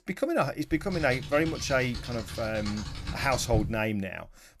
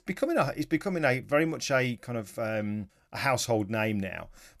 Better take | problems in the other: second | keyboard typing; noticeable; from 0.5 to 4 s; peak 4 dB below the speech

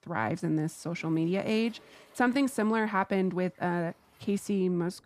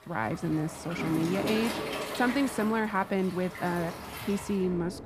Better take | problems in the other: first | rain or running water; loud; throughout; 7 dB below the speech; faint in the first

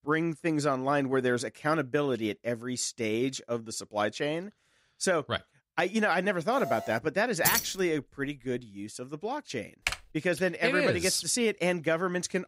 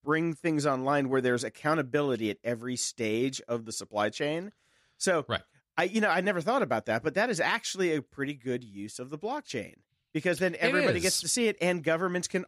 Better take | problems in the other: second | alarm; noticeable; at 6.5 s; peak 9 dB below the speech // jangling keys; loud; at 7.5 s; peak 2 dB above the speech // keyboard typing; noticeable; at 10 s; peak 4 dB below the speech

